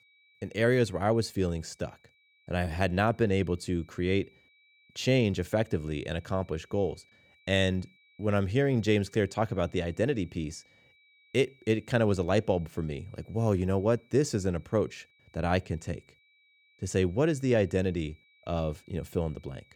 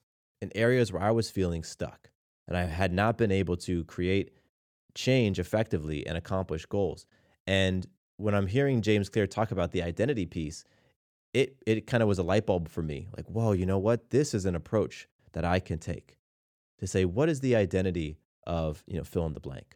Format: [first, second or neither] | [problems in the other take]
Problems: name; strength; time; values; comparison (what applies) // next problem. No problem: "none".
second | high-pitched whine; faint; throughout; 2.5 kHz, 35 dB below the speech